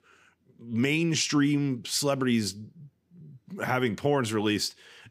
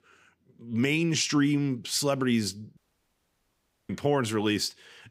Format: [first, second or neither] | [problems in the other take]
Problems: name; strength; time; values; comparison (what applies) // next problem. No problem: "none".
first | audio cutting out; at 3 s for 1 s